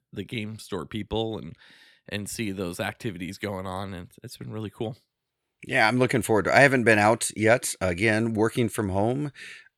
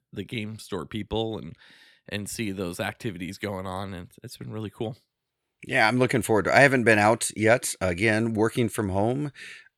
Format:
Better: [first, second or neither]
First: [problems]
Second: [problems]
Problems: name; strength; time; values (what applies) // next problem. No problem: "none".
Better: neither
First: none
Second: none